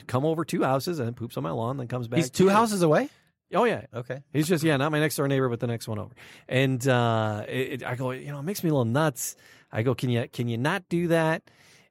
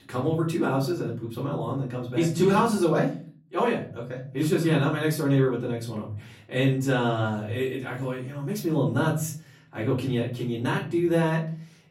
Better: first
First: none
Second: room echo; slight; dies away in 0.5 s // off-mic speech; far

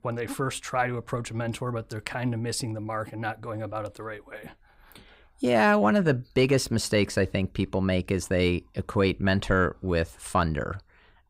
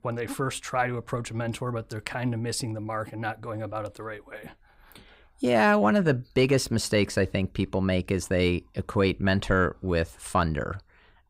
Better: neither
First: none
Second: none

